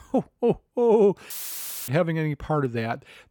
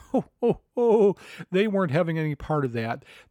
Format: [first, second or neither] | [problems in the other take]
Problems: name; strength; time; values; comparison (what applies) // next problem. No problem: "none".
second | audio cutting out; filled with static; at 1.5 s for 0.5 s